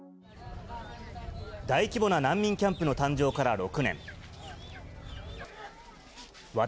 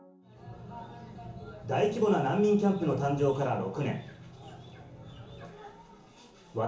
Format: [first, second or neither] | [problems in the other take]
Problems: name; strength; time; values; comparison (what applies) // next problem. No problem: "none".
first | room echo; dies away in 0.8 s